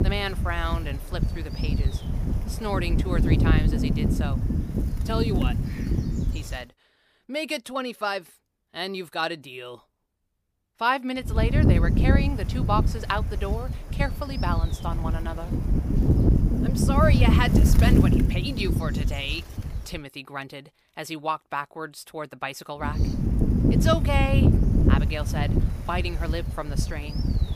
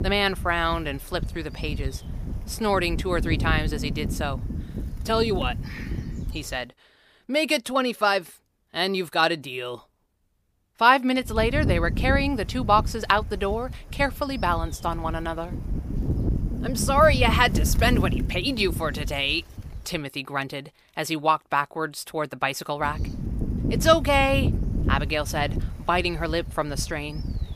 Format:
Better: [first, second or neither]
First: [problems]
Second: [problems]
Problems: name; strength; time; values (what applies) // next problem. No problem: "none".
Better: second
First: wind noise on the microphone; heavy; until 6.5 s, from 11 to 20 s and from 23 s on; 4 dB below the speech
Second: wind noise on the microphone; occasional gusts; until 6.5 s, from 11 to 20 s and from 23 s on; 15 dB below the speech